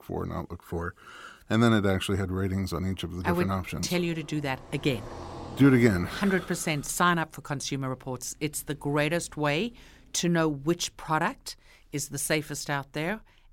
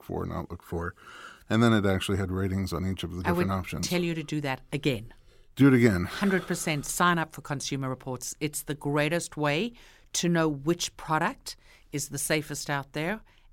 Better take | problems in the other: second | traffic noise; noticeable; until 10 s; 20 dB below the speech

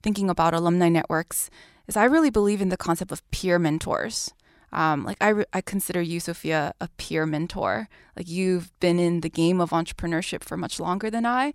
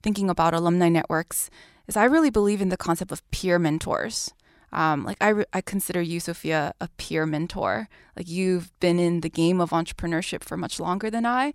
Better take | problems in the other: neither | none

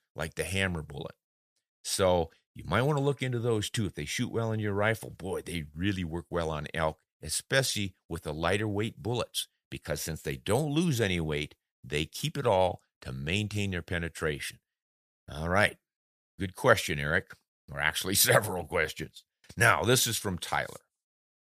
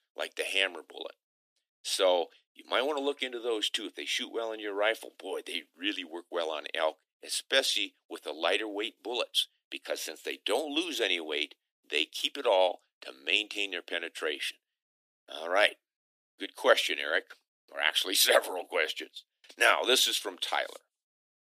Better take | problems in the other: first | thin; very; fading below 250 Hz

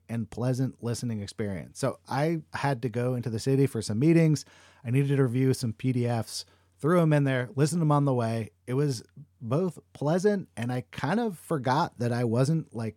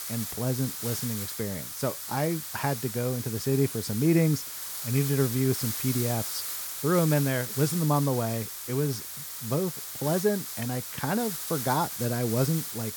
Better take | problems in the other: first | hiss; loud; throughout; 5 dB below the speech

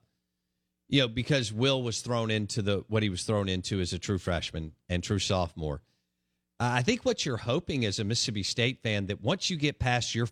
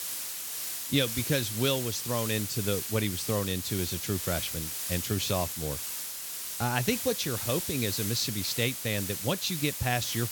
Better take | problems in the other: first | hiss; loud; throughout; 2 dB below the speech

